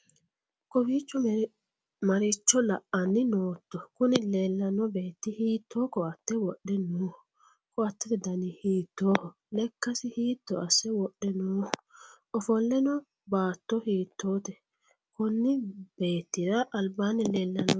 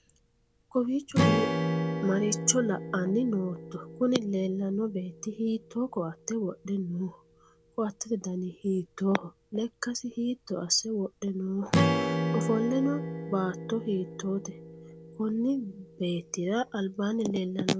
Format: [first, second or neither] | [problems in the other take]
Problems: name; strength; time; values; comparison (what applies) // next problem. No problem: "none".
first | background sound (Strum); 4 dB below the speech